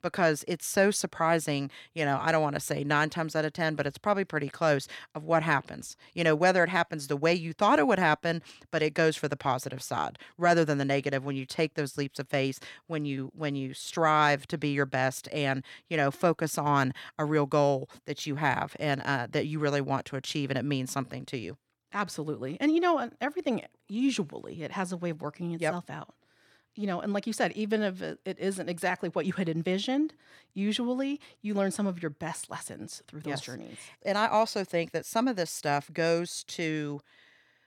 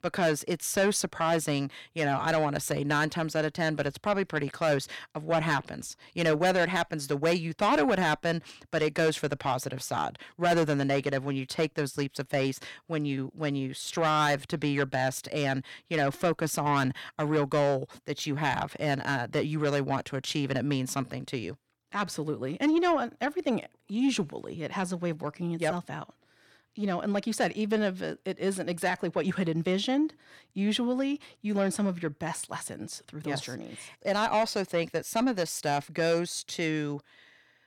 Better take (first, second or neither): first